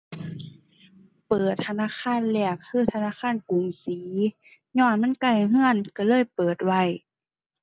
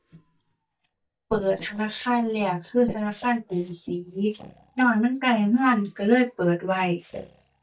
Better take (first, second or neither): first